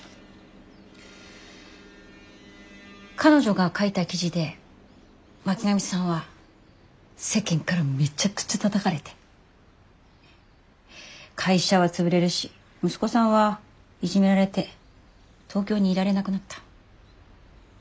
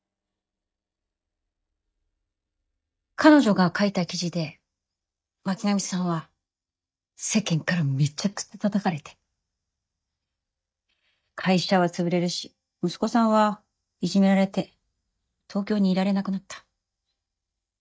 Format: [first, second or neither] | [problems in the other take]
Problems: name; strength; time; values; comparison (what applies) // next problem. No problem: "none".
first | noise reduction (neural mask model DeepFilterNet 3)